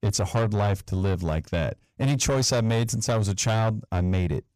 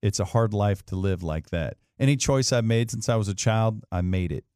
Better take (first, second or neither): second